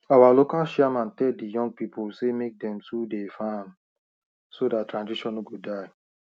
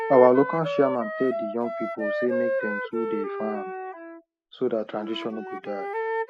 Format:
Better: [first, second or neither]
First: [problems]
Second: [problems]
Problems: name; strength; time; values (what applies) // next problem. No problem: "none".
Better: first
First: none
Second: noise reduction (classical method spectral subtraction)